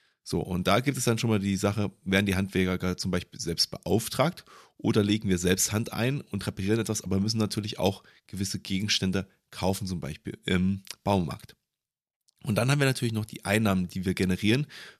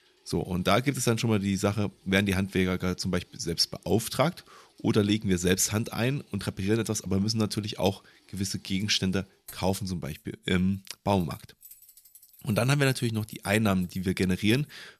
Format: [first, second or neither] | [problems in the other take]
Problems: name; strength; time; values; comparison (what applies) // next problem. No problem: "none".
first | household noises; faint; throughout; 30 dB below the speech